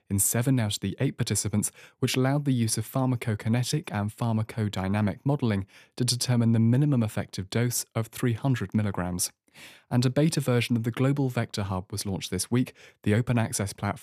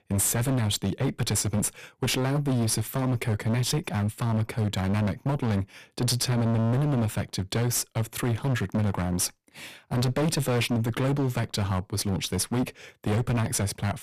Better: first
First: none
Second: distortion; heavy; 25% of the sound clipped

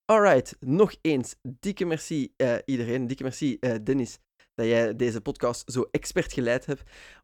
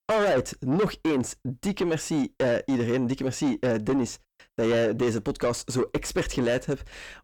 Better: first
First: none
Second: distortion; heavy; 6 dB below the speech

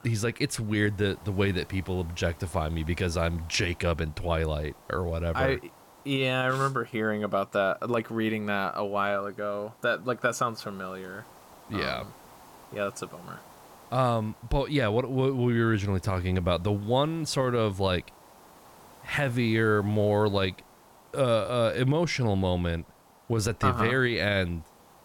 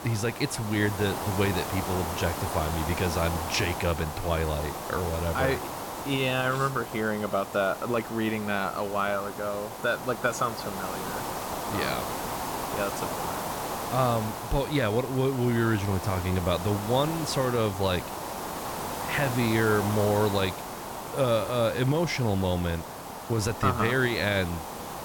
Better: first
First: hiss; faint; throughout; 25 dB below the speech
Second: hiss; loud; throughout; 6 dB below the speech

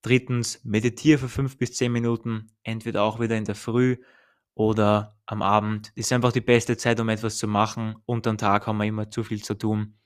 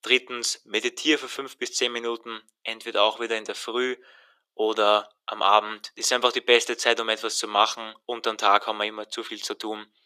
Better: first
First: none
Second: thin; very; fading below 400 Hz

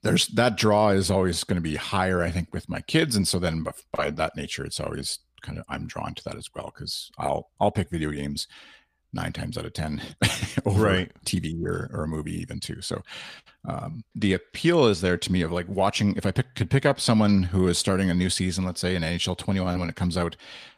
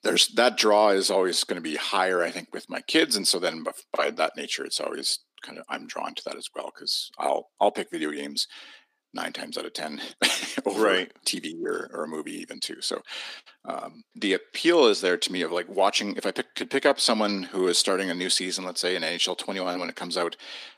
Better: first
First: none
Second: thin; somewhat; fading below 250 Hz

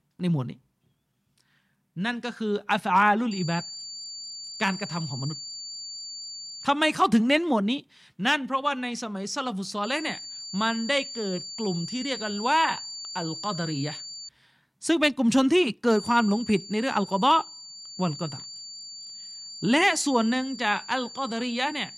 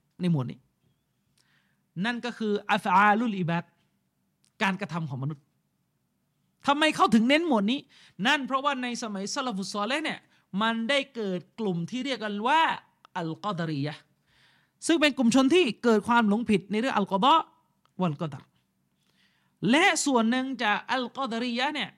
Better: second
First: high-pitched whine; noticeable; from 3.5 to 6.5 s, from 10 to 14 s and from 16 s on; 4.5 kHz, 10 dB below the speech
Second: none

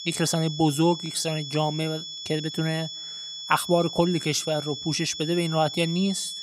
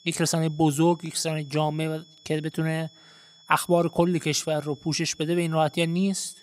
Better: second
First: high-pitched whine; loud; throughout; 3.5 kHz, 8 dB below the speech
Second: high-pitched whine; faint; throughout; 3.5 kHz, 25 dB below the speech

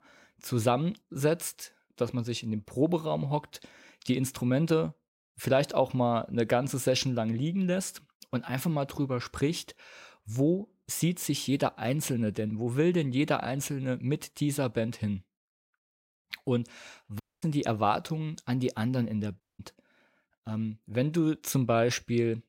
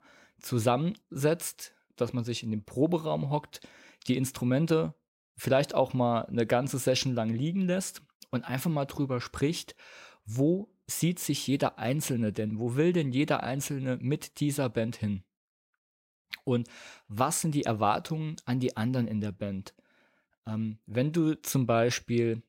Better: second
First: audio cutting out; at 17 s and at 19 s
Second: none

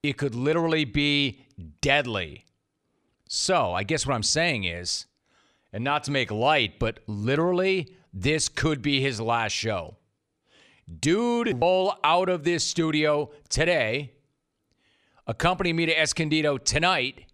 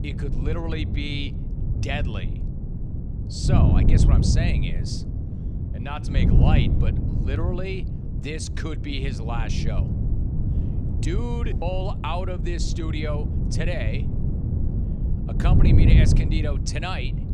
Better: first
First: none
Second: wind noise on the microphone; heavy; 3 dB below the speech

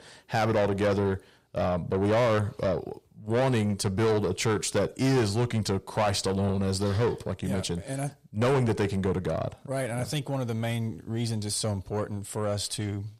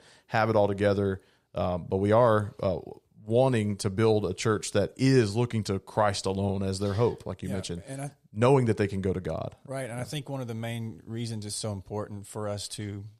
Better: second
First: distortion; heavy; 7 dB below the speech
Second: none

